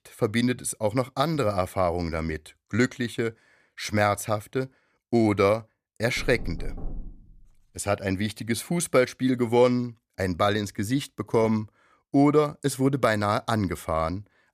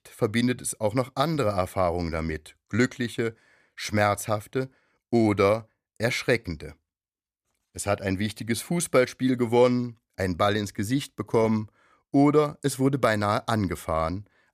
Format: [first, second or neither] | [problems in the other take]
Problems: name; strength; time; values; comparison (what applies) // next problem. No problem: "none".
second | door banging; faint; at 6 s; peak 15 dB below the speech